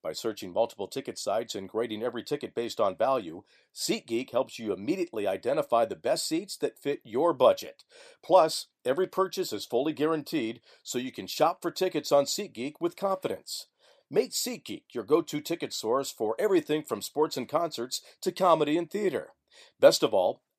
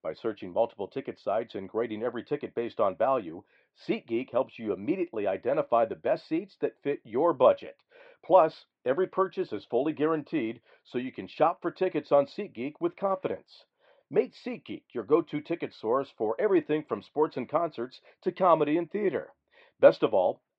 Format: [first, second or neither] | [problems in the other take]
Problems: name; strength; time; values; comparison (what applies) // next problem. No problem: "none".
first | muffled; very; fading above 2.5 kHz